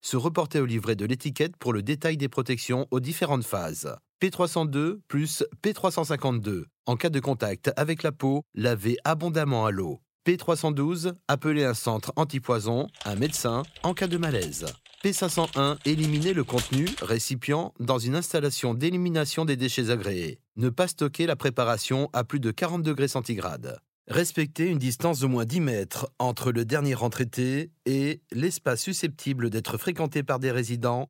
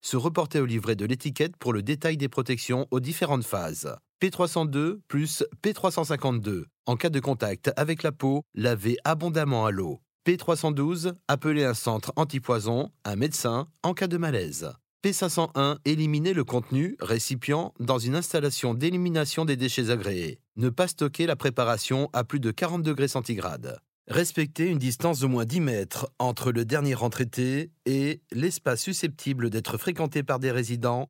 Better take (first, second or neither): second